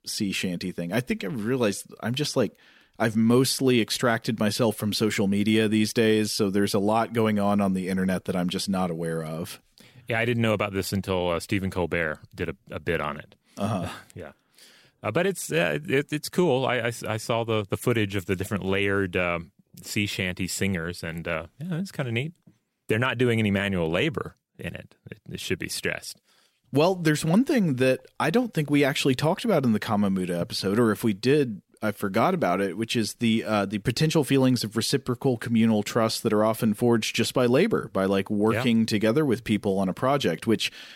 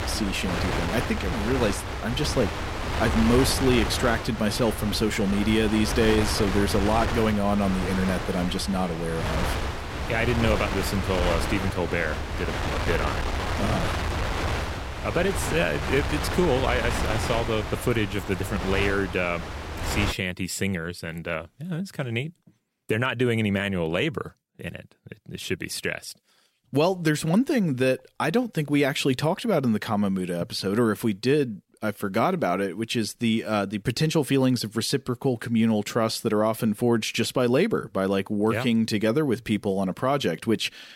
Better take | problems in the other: first | wind noise on the microphone; heavy; until 20 s; 3 dB below the speech

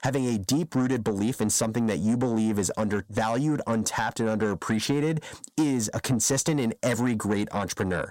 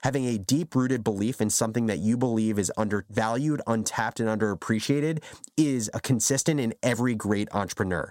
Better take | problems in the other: second | distortion; slight; 10 dB below the speech

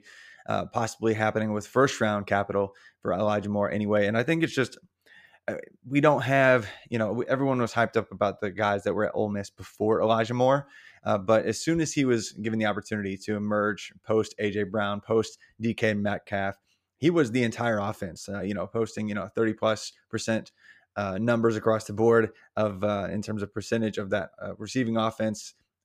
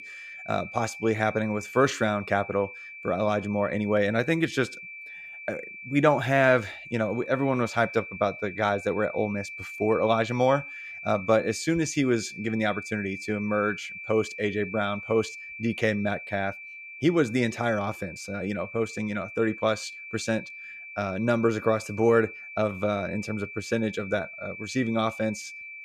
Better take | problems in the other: first | high-pitched whine; noticeable; throughout; 2.5 kHz, 10 dB below the speech

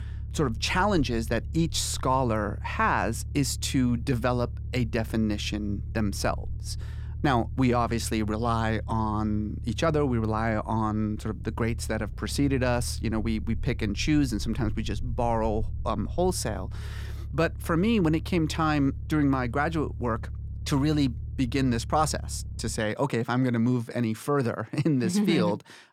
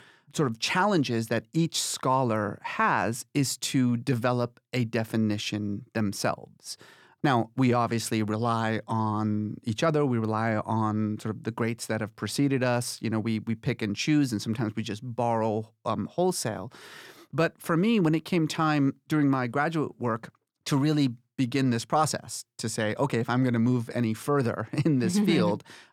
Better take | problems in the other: second | low rumble; faint; until 23 s; 25 dB below the speech

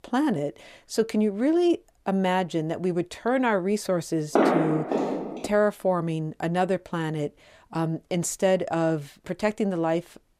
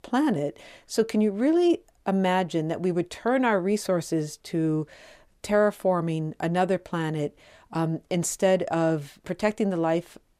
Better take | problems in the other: second | footsteps; loud; from 4.5 to 5.5 s; peak 4 dB above the speech

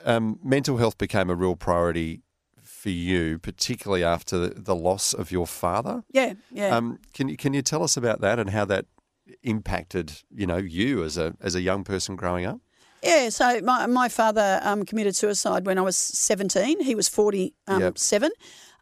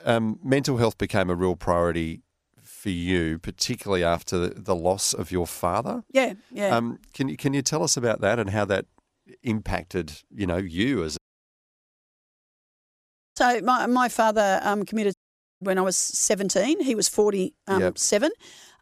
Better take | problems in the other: first | audio cutting out; at 11 s for 2 s and at 15 s

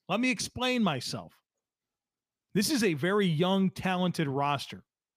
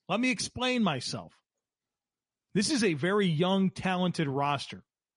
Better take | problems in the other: first | garbled, watery; slightly; nothing above 10.5 kHz

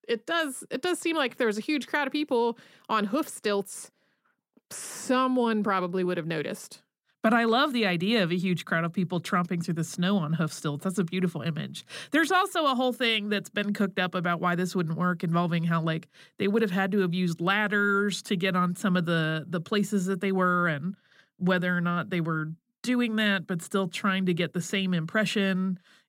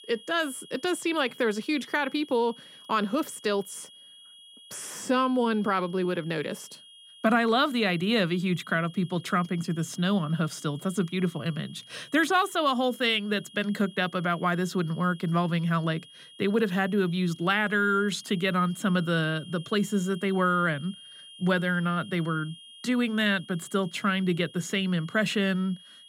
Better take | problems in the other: first | high-pitched whine; faint; throughout; 3 kHz, 20 dB below the speech

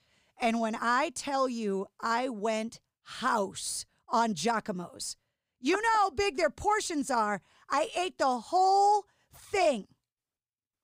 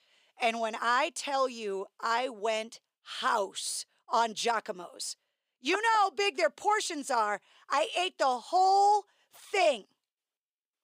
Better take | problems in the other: first | thin; somewhat; fading below 450 Hz

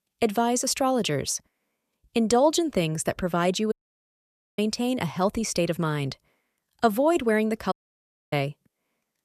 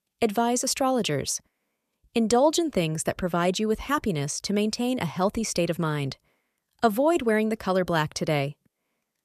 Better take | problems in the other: second | audio cutting out; at 3.5 s for 1 s and at 7.5 s for 0.5 s

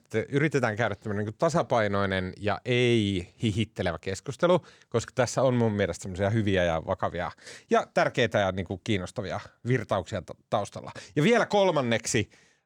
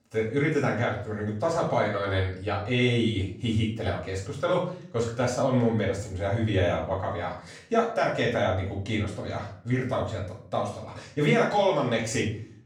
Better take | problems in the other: first | off-mic speech; far // room echo; noticeable; dies away in 0.4 s

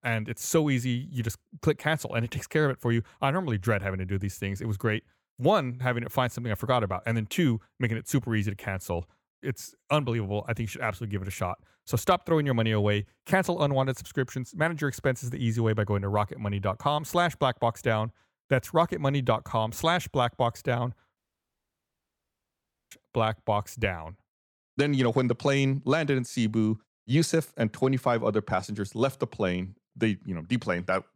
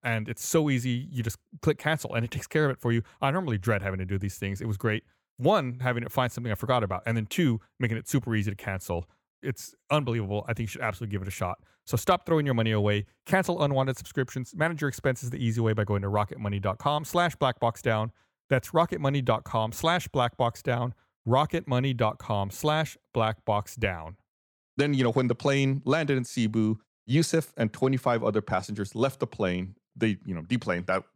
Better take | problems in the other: second | audio cutting out; at 21 s for 1.5 s

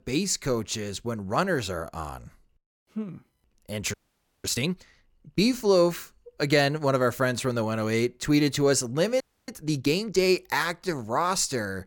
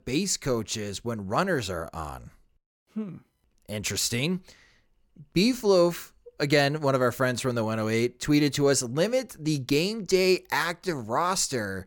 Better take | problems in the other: second | audio freezing; at 4 s for 0.5 s and at 9 s

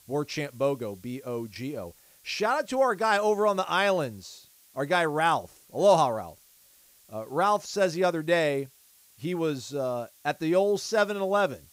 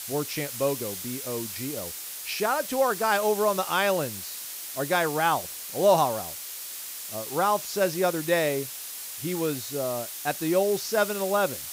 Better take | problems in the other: first | hiss; loud; throughout; 7 dB below the speech; faint in the first

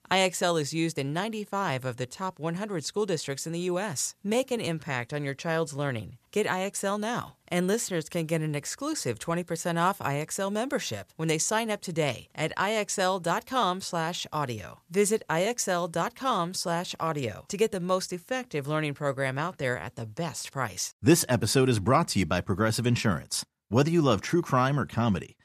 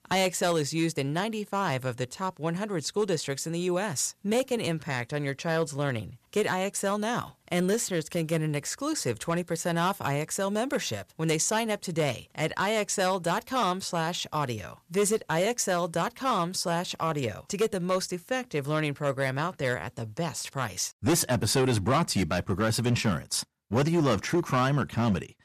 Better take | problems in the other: first | distortion; slight; 4% of the sound clipped

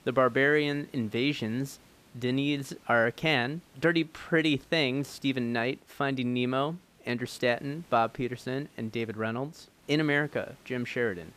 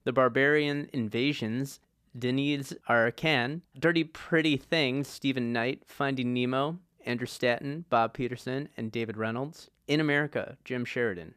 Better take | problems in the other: second | hiss; faint; throughout; 30 dB below the speech

